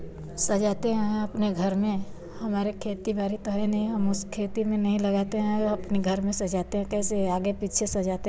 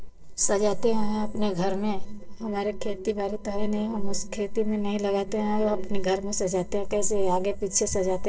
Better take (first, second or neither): first